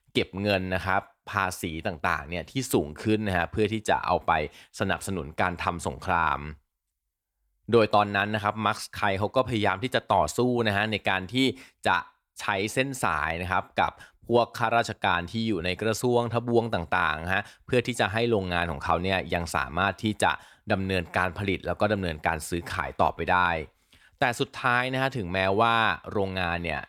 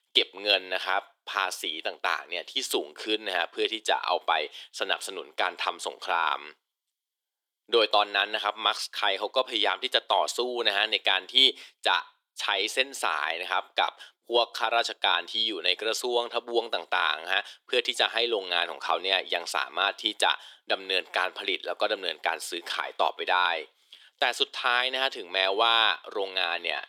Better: first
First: none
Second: thin; very; fading below 350 Hz

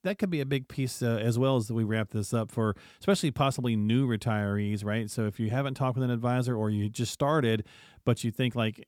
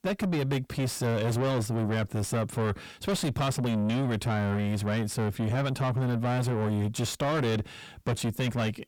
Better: first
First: none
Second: distortion; heavy; 6 dB below the speech

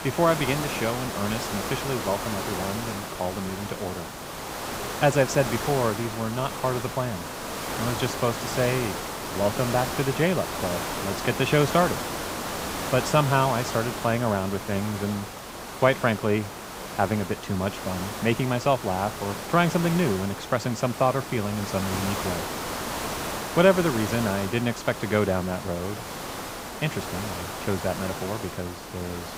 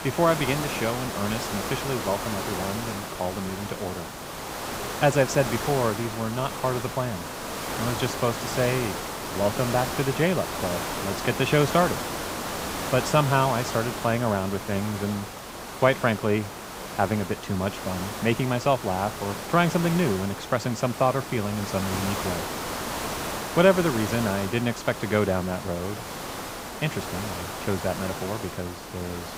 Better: neither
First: hiss; loud; throughout; 6 dB below the speech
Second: hiss; loud; throughout; 6 dB below the speech

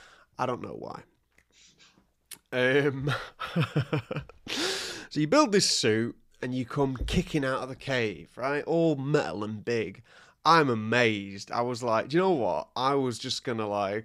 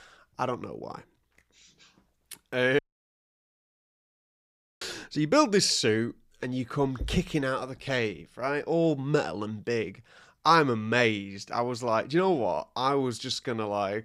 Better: first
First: none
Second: audio cutting out; at 3 s for 2 s

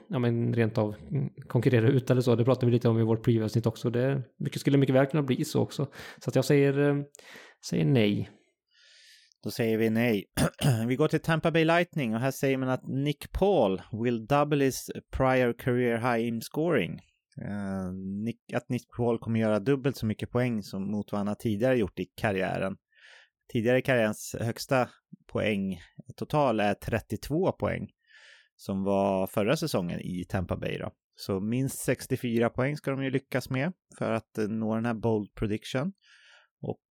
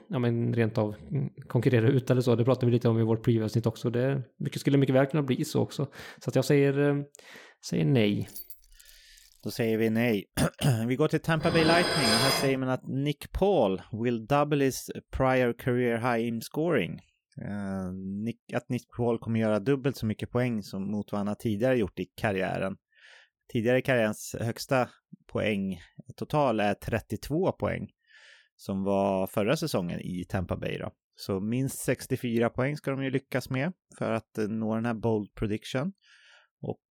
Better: first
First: none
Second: jangling keys; faint; from 8 to 9.5 s; peak 15 dB below the speech // clattering dishes; loud; from 11 to 13 s; peak 5 dB above the speech

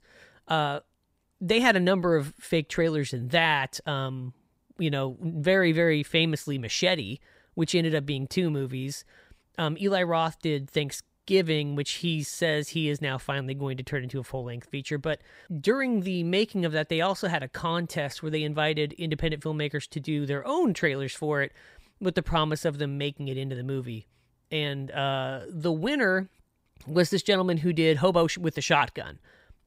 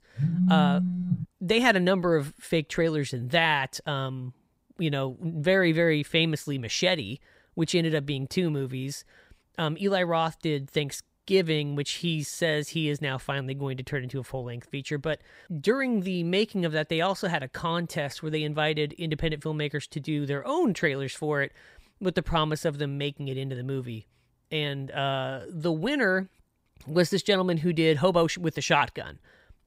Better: first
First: none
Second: phone ringing; loud; until 1 s; peak 5 dB above the speech

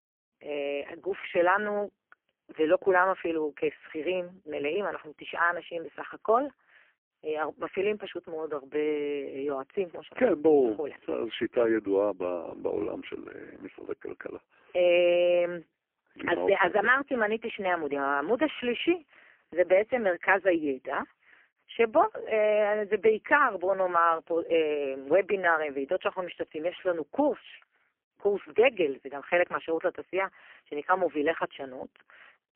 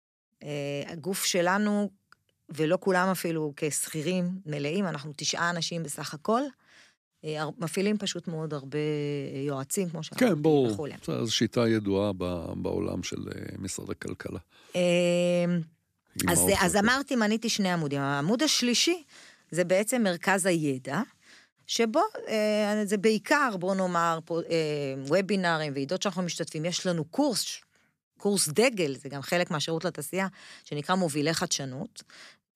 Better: second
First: phone-call audio; poor line; nothing above 3 kHz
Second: none

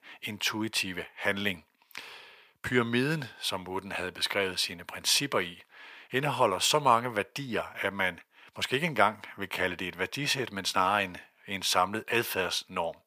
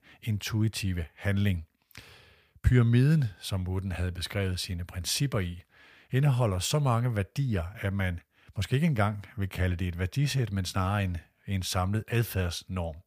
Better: second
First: thin; very; fading below 350 Hz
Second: none

